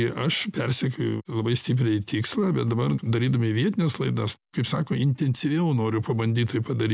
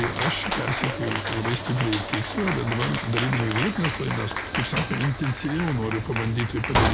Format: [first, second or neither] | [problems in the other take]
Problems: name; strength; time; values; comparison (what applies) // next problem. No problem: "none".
first | background sound (Sliding door / Train + Cheering); 2 dB below the speech